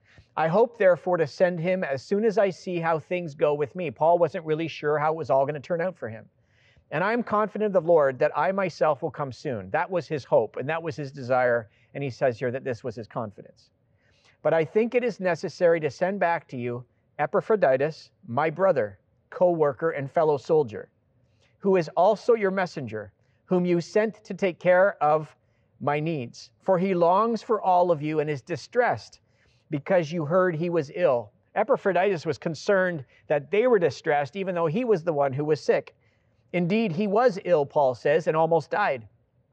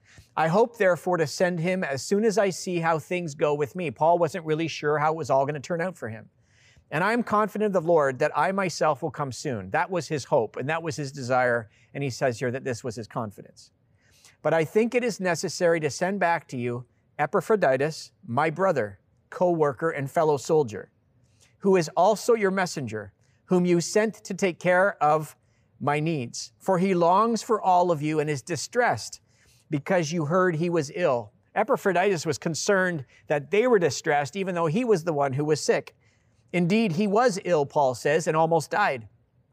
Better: second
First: muffled; slightly; fading above 4.5 kHz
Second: none

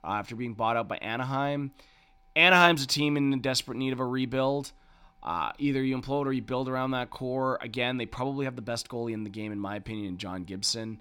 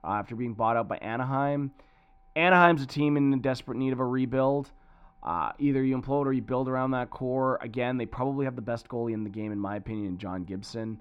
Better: first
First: none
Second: muffled; very; fading above 2.5 kHz

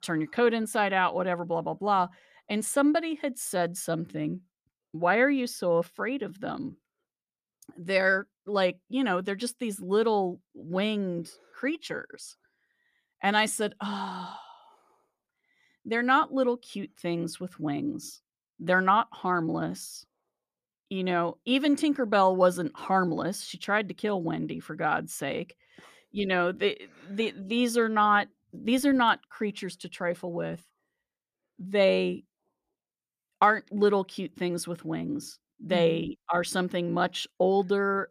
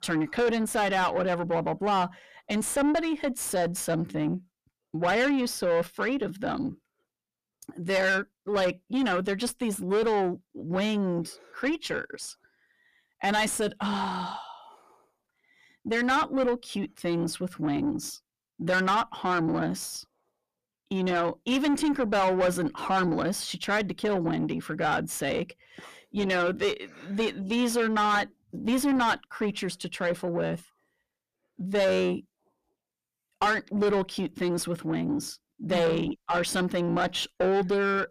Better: first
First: none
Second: distortion; heavy; 7 dB below the speech

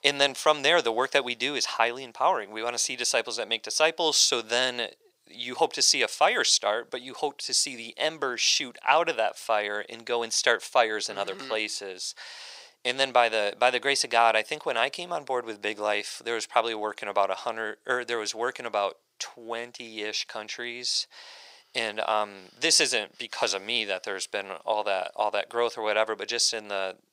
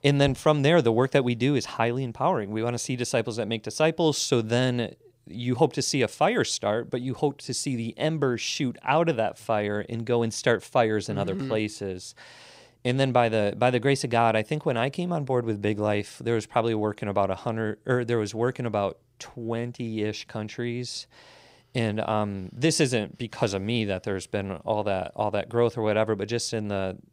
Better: second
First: thin; very; fading below 700 Hz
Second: none

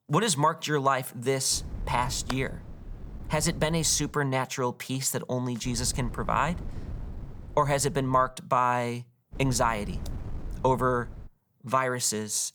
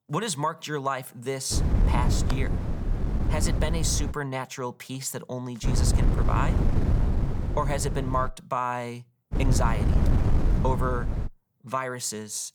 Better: first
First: wind noise on the microphone; occasional gusts; from 1.5 to 4 s, from 5.5 to 8.5 s and from 9.5 to 11 s; 25 dB below the speech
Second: wind noise on the microphone; heavy; from 1.5 to 4 s, from 5.5 to 8.5 s and from 9.5 to 11 s; 7 dB below the speech

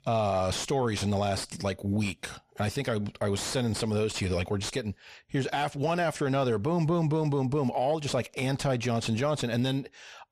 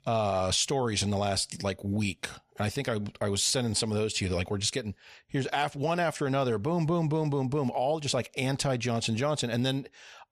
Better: second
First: distortion; slight; 10 dB below the speech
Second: none

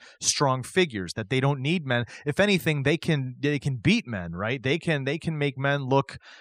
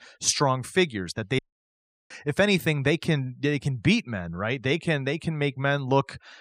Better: first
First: none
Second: audio cutting out; at 1.5 s for 0.5 s

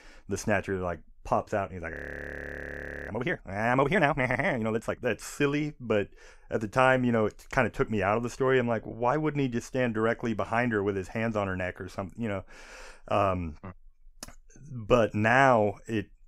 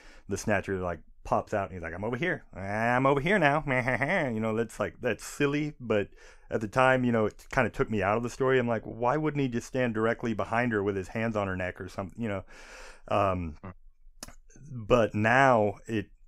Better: second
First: audio freezing; at 2 s for 1 s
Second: none

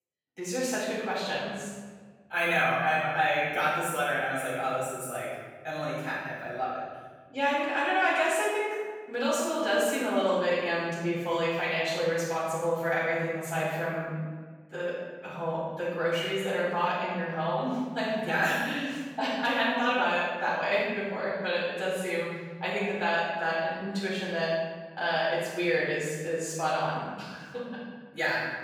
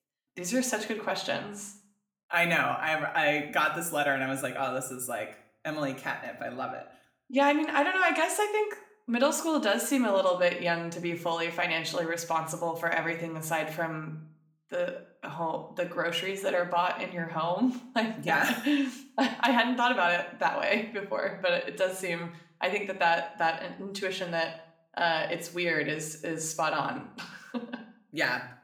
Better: second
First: room echo; strong; dies away in 1.4 s // off-mic speech; far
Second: room echo; slight; dies away in 0.5 s // off-mic speech; somewhat distant

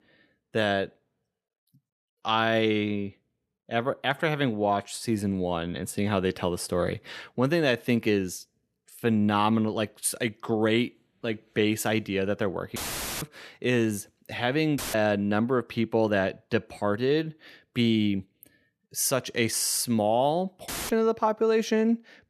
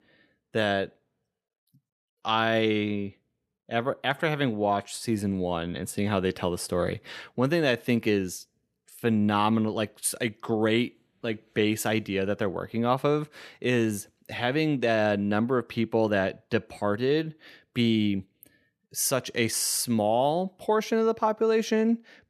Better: second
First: audio cutting out; filled with static; at 13 s, at 15 s and at 21 s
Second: none

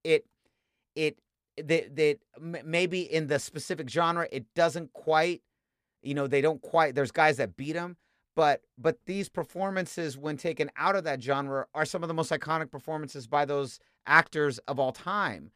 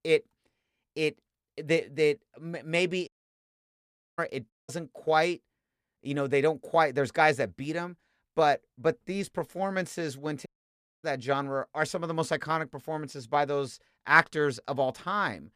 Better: first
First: none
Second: audio cutting out; at 3 s for 1 s, at 4.5 s and at 10 s for 0.5 s

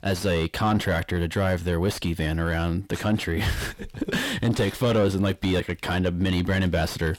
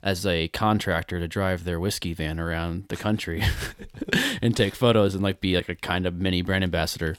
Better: second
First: distortion; heavy; 7 dB below the speech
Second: none

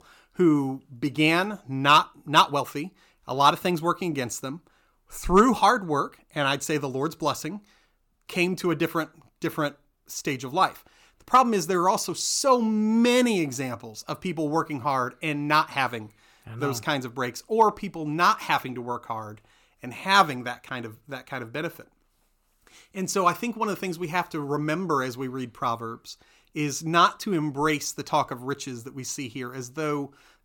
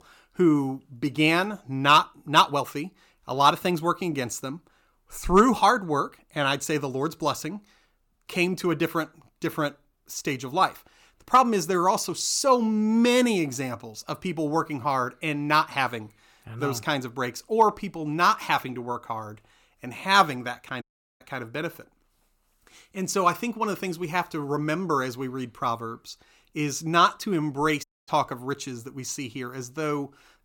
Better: first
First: none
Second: audio cutting out; at 21 s and at 28 s

